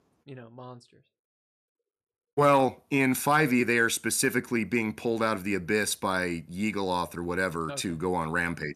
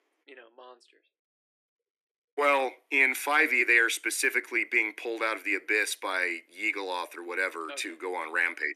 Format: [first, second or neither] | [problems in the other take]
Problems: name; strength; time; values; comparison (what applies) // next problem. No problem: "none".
first | thin; very; fading below 300 Hz